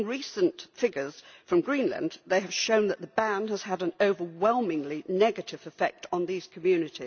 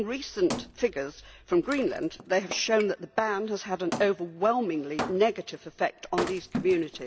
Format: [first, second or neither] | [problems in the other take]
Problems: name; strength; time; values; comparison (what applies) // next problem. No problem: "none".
first | background sound (Wood); 11 dB below the speech